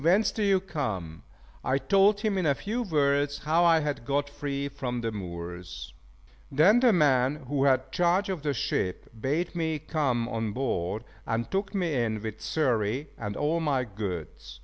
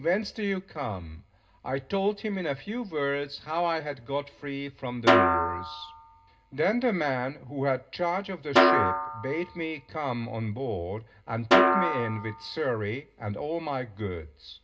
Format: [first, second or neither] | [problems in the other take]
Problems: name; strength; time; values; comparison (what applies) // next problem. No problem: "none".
first | background sound (Snare drum); 4 dB above the speech // room echo; dies away in 0.2 s